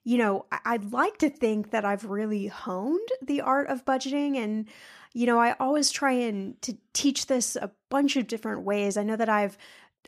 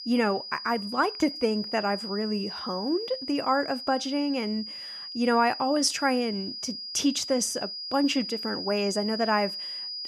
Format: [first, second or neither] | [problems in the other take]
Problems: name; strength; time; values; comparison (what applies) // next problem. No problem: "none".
first | high-pitched whine; loud; throughout; 5 kHz, 7 dB below the speech